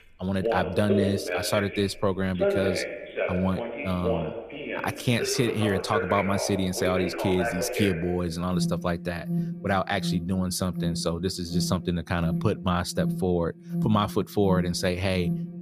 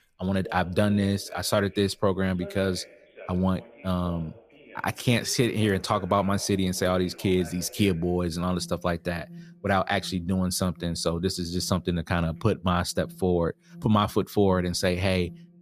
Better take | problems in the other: second | alarms or sirens; loud; throughout; 4 dB below the speech; faint in the second

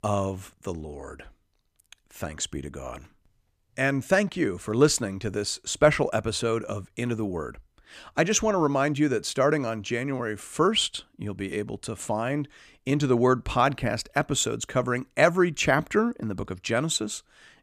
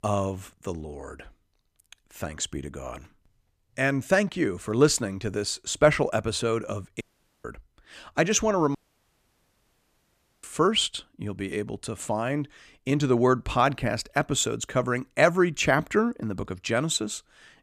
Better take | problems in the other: first | audio cutting out; at 7 s and at 9 s for 1.5 s

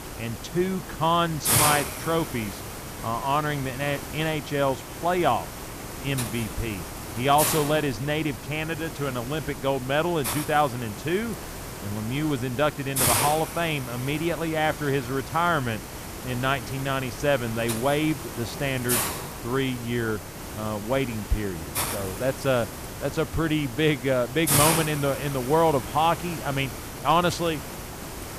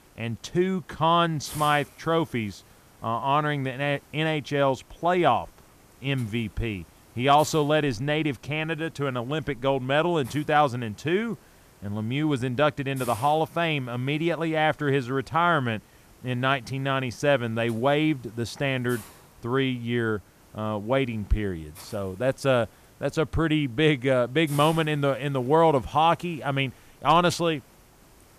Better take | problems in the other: second | hiss; loud; throughout; 4 dB below the speech; faint in the second

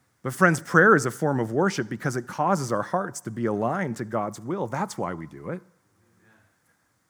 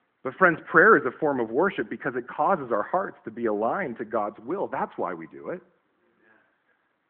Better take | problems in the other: first | phone-call audio

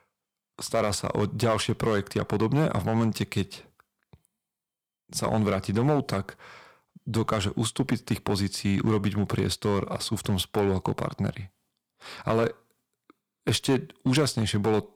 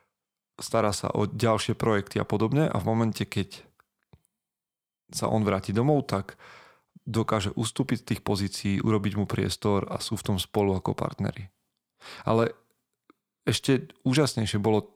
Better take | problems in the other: second | distortion; slight; 3% of the sound clipped

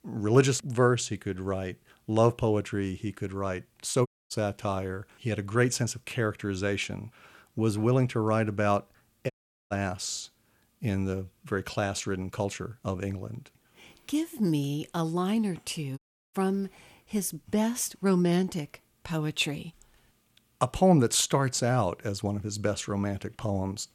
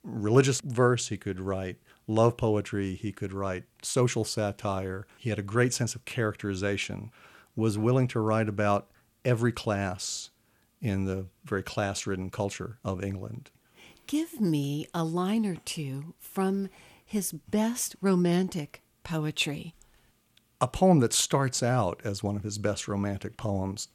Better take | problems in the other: second | audio cutting out; at 4 s, at 9.5 s and at 16 s

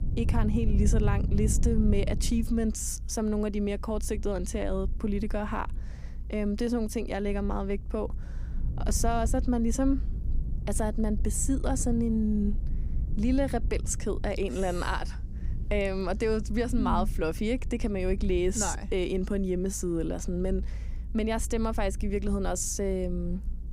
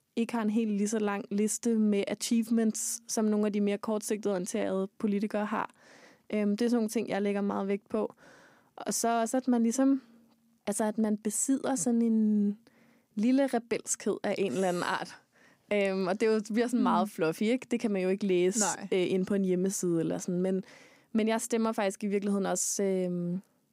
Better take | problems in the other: second | low rumble; noticeable; throughout; 15 dB below the speech

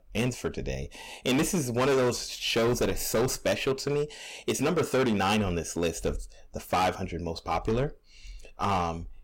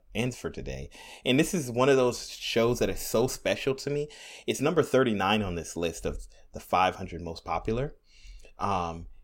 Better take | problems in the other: second | distortion; heavy; 11% of the sound clipped

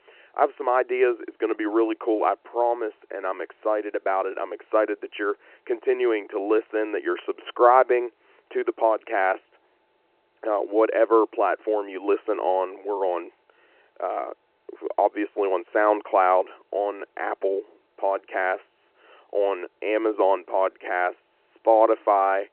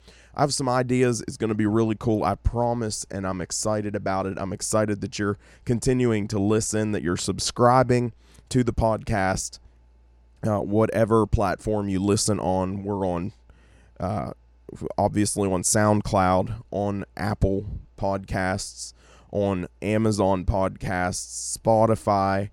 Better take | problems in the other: second | phone-call audio

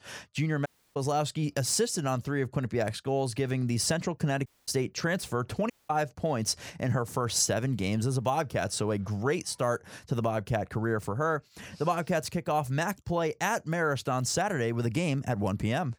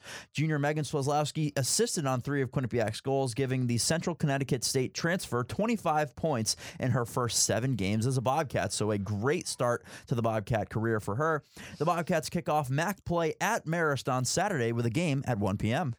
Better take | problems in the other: second | audio cutting out; at 0.5 s, at 4.5 s and at 5.5 s

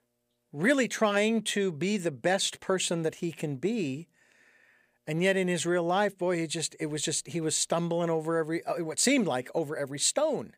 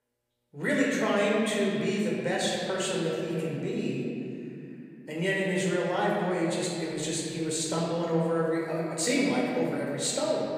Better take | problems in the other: first | room echo; noticeable; dies away in 2.5 s // off-mic speech; far

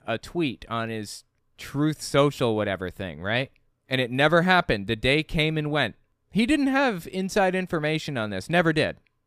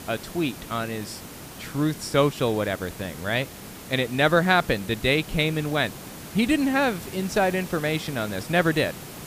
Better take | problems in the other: first | hiss; noticeable; throughout; 15 dB below the speech

